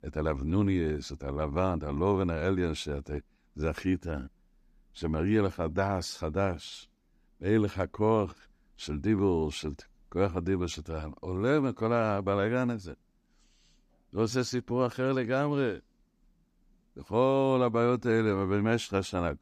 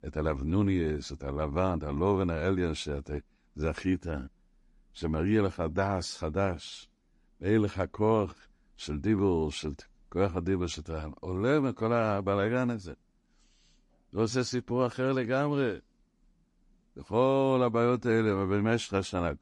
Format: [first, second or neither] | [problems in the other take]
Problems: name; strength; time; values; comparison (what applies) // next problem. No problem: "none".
first | garbled, watery; slightly